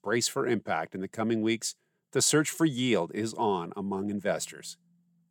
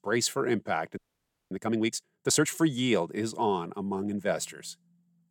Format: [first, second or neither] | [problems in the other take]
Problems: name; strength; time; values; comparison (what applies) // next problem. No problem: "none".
first | audio freezing; at 1 s for 0.5 s